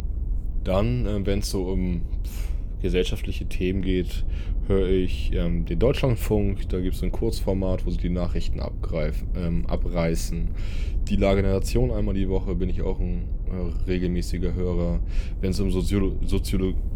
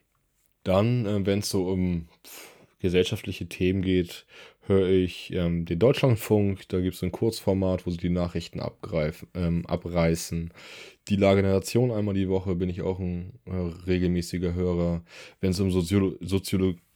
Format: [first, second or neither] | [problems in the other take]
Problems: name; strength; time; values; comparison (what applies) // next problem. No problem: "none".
second | low rumble; noticeable; throughout; 20 dB below the speech